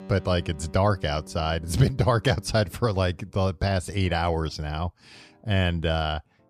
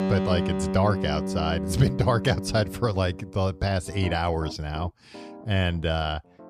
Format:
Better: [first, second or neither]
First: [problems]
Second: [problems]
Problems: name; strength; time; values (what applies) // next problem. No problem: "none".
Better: first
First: background music; faint; throughout; 20 dB below the speech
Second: background music; loud; throughout; 5 dB below the speech